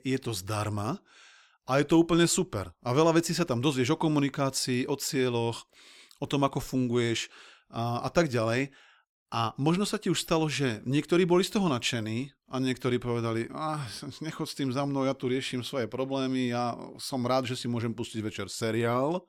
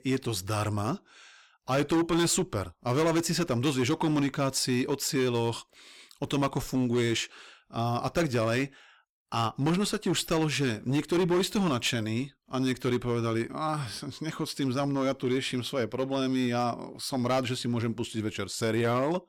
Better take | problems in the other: first | distortion; slight; 8% of the sound clipped

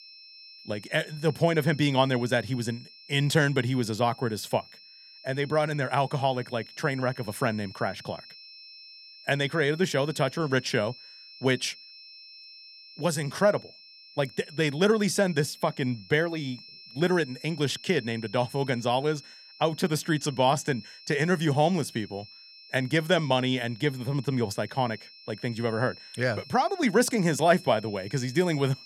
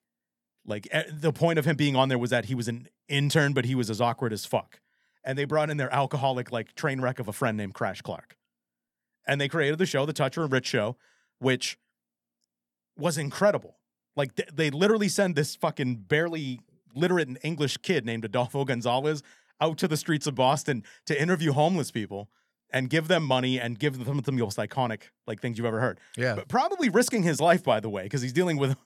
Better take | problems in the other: second | high-pitched whine; noticeable; throughout; 5.5 kHz, 20 dB below the speech

